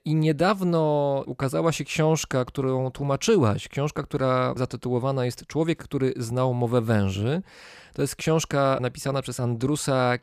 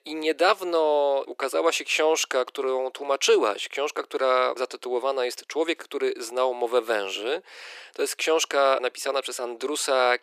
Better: first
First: none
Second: thin; very; fading below 350 Hz

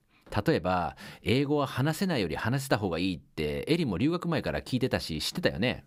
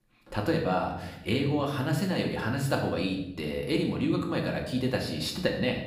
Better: first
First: none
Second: room echo; noticeable; dies away in 0.7 s // off-mic speech; somewhat distant

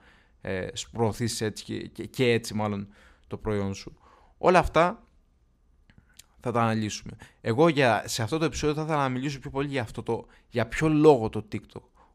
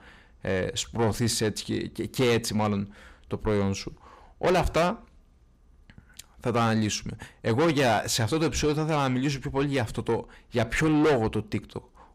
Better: first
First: none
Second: distortion; heavy; 6 dB below the speech

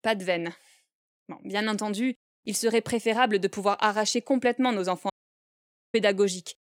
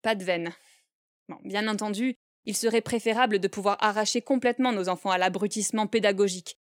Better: second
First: audio cutting out; at 5 s for 1 s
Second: none

